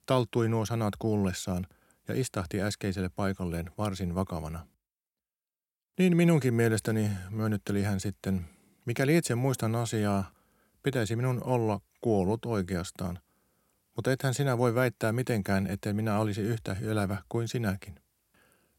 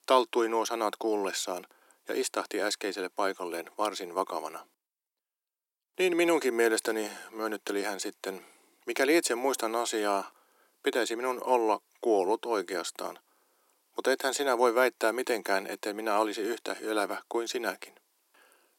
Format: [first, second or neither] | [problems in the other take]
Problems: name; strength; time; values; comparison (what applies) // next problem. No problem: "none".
first | thin; very; fading below 300 Hz